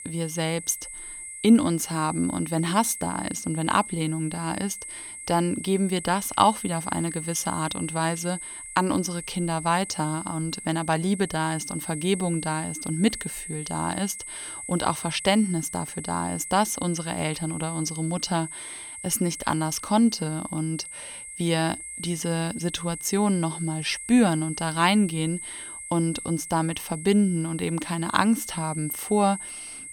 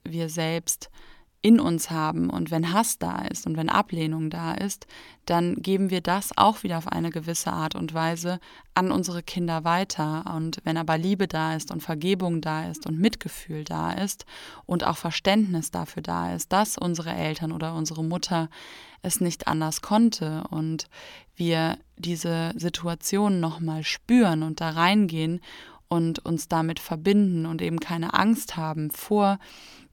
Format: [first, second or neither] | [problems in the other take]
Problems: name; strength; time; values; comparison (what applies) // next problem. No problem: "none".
second | high-pitched whine; loud; throughout; 8 kHz, 9 dB below the speech